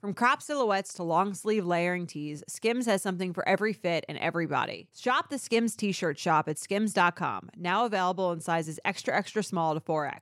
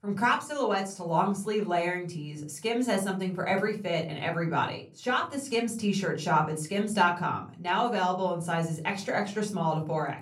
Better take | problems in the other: first | off-mic speech; somewhat distant // room echo; very slight; dies away in 0.3 s

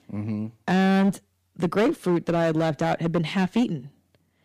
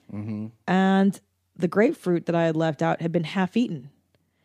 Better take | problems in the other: second | distortion; slight; 11% of the sound clipped

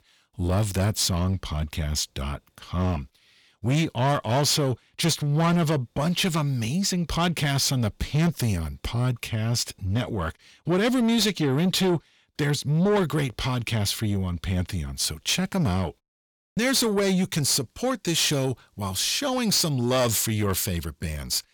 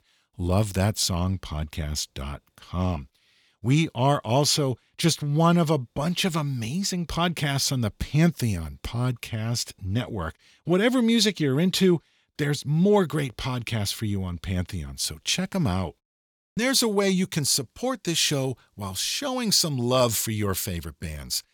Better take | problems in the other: second | distortion; slight; 10 dB below the speech

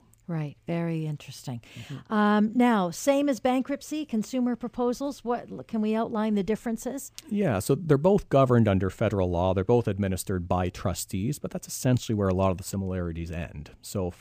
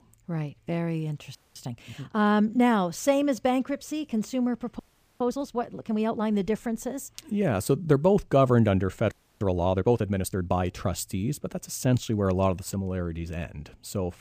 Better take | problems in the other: first | audio freezing; at 1.5 s, at 5 s and at 9 s

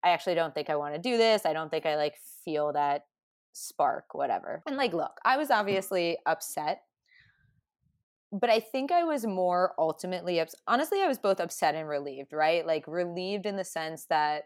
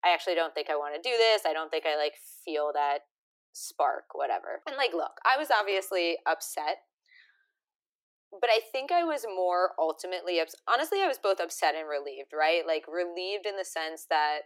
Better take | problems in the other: first | thin; very; fading below 300 Hz

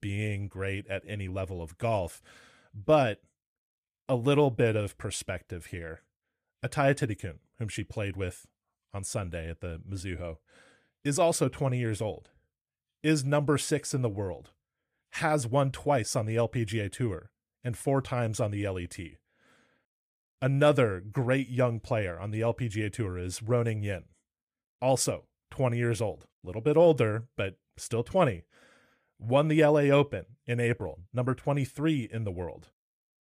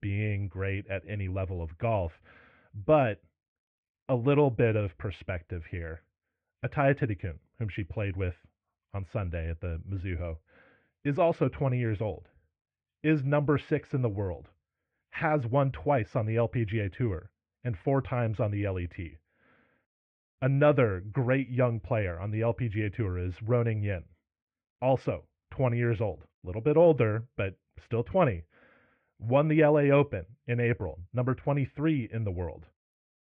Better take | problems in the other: first | muffled; very; fading above 2.5 kHz

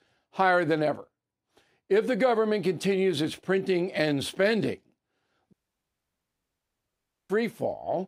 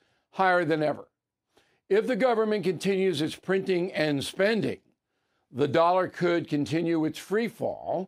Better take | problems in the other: second | audio cutting out; at 5.5 s for 2 s

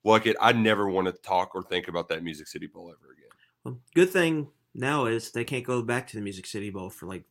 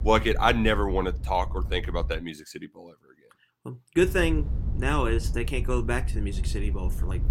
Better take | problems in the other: first | low rumble; faint; until 2 s and from 4 s on; 20 dB below the speech

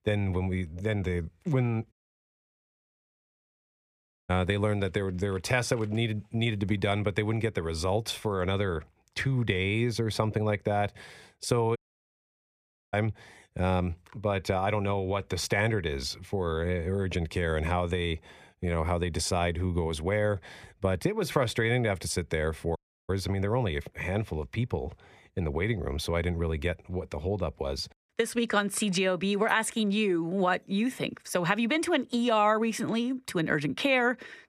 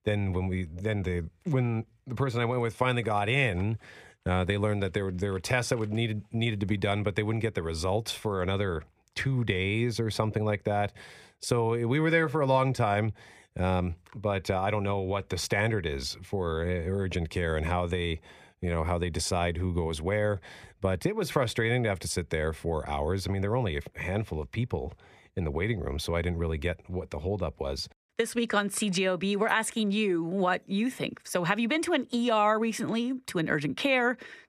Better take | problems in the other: second | audio cutting out; at 2 s for 2.5 s, at 12 s for 1 s and at 23 s

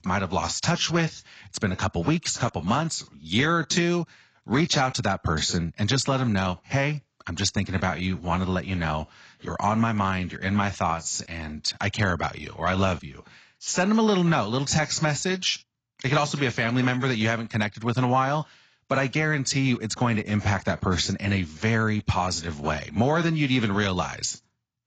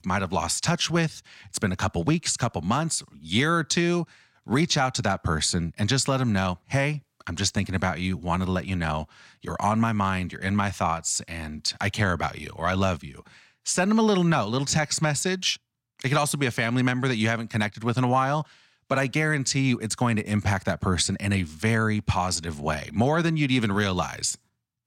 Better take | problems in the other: second | garbled, watery; badly; nothing above 7.5 kHz

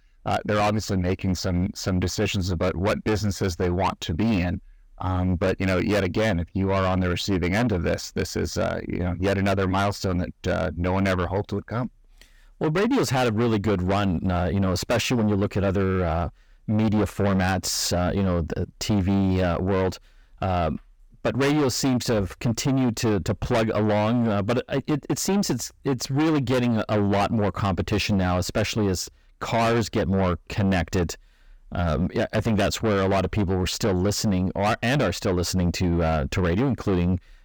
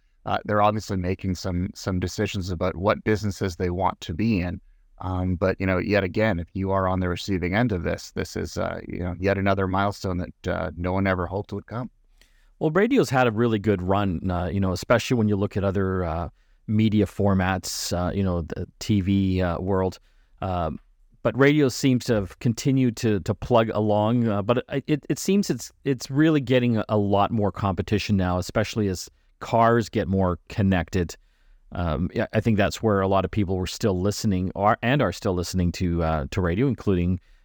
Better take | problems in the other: second | distortion; heavy; 7 dB below the speech

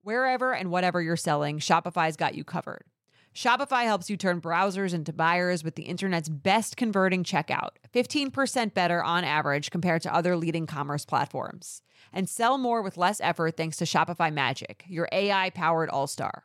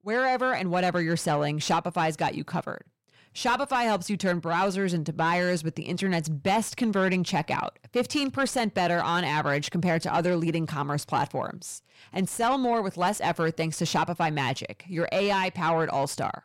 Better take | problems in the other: first | distortion; slight; 10 dB below the speech

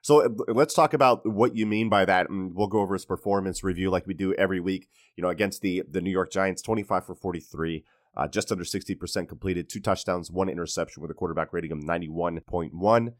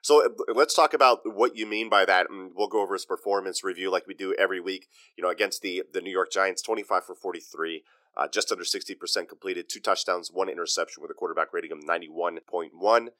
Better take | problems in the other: first | thin; somewhat; fading below 350 Hz

